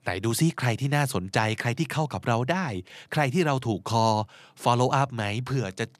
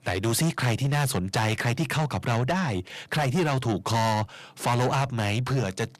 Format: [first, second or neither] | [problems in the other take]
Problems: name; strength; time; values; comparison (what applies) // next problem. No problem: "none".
first | distortion; heavy; 7 dB below the speech